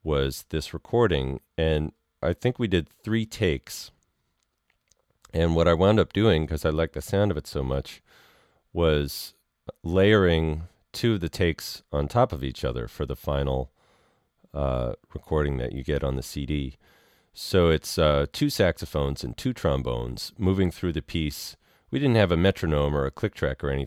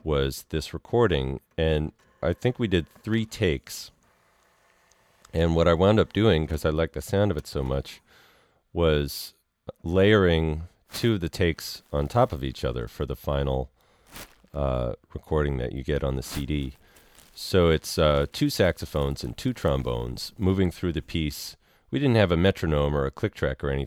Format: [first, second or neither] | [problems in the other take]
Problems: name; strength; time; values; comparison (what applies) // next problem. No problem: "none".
first | household noises; faint; throughout; 25 dB below the speech